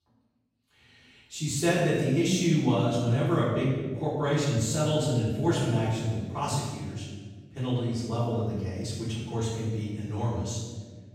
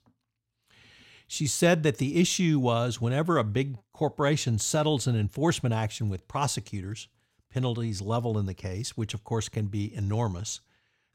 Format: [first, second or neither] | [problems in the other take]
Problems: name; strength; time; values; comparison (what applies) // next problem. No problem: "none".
second | off-mic speech; far // room echo; strong; dies away in 1.3 s